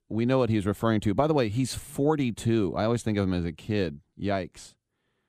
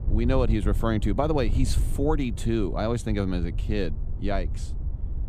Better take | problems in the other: first | wind noise on the microphone; occasional gusts; 15 dB below the speech

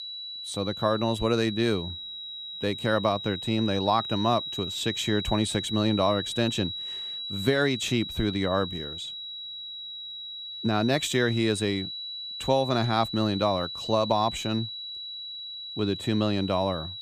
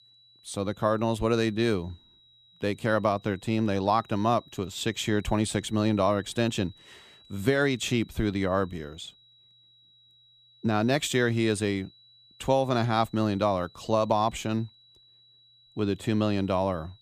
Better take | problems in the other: second | high-pitched whine; loud; throughout; 4 kHz, 7 dB below the speech; faint in the second

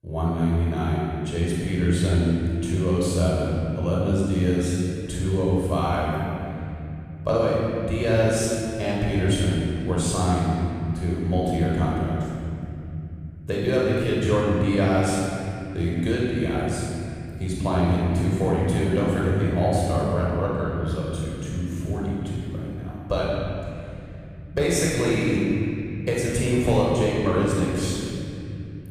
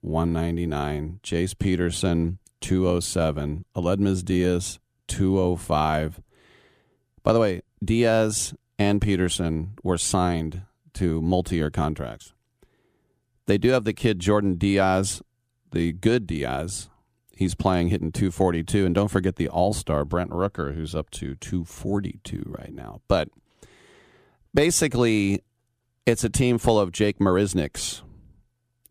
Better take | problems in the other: second | off-mic speech; far // room echo; strong; dies away in 3 s

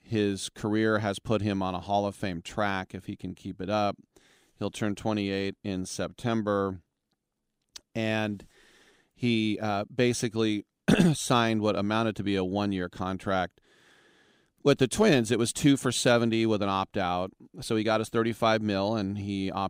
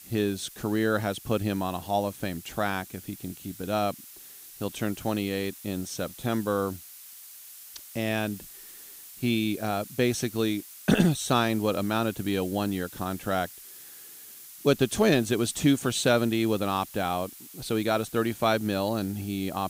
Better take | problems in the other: first | hiss; noticeable; throughout; 15 dB below the speech

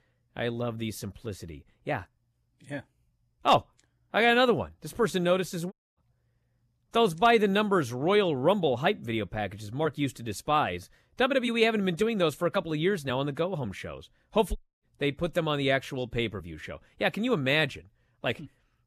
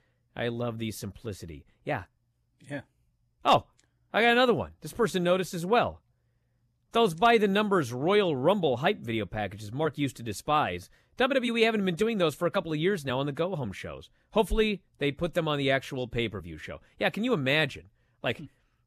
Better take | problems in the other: second | audio cutting out; at 5.5 s and at 15 s

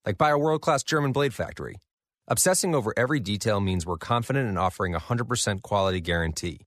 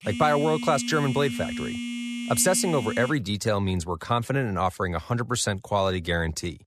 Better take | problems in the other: first | phone ringing; noticeable; until 3 s; peak 6 dB below the speech

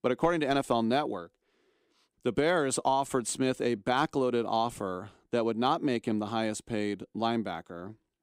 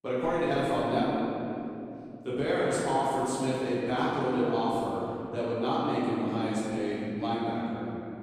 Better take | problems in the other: first | off-mic speech; far // room echo; strong; dies away in 2.8 s

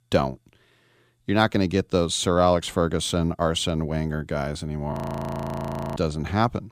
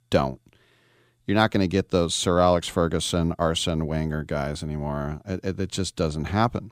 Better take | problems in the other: second | audio freezing; at 5 s for 1 s

